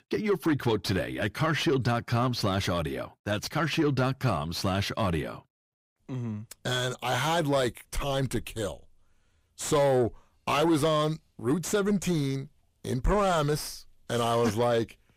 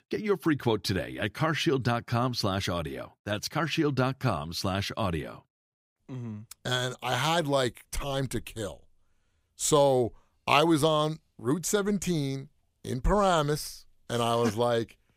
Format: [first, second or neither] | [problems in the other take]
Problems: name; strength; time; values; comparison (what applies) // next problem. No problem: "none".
second | distortion; slight; 10 dB below the speech